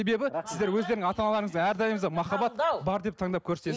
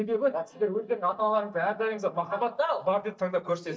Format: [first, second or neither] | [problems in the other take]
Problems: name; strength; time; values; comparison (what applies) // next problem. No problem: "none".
first | noise reduction (neural mask model DeepFilterNet 3)